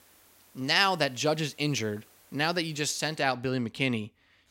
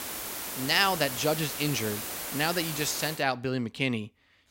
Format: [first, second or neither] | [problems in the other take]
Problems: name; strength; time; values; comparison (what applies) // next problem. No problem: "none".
first | hiss; loud; until 3 s; 5 dB below the speech; faint in the first